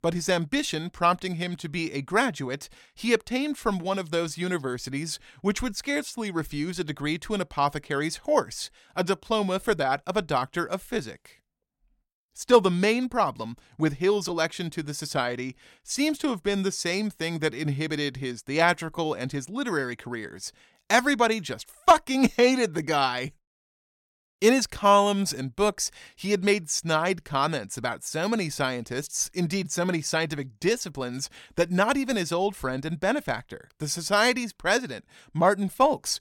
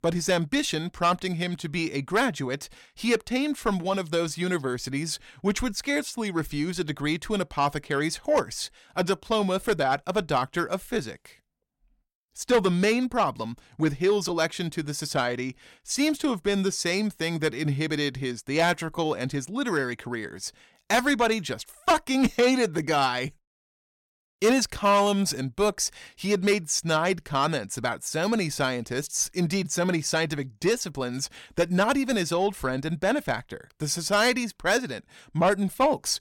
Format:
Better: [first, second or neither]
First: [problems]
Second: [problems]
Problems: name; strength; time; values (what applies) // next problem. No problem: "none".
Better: first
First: none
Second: distortion; slight; 10 dB below the speech